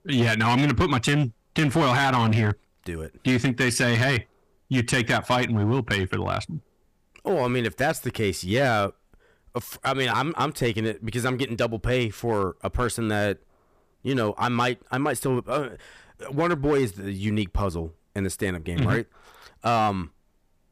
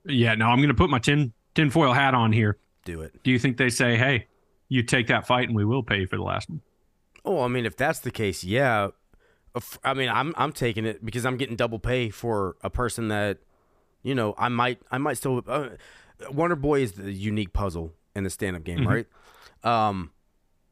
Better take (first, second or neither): second